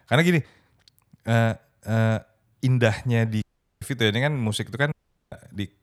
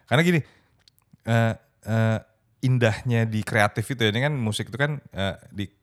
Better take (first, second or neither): second